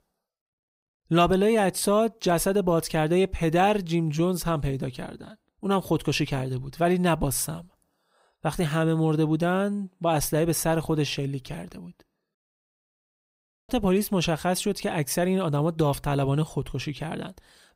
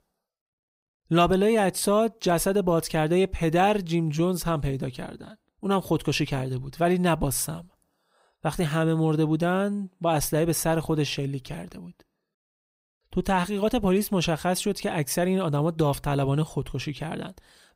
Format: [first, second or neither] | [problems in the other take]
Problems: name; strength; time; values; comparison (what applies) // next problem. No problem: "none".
second | audio cutting out; at 13 s for 1 s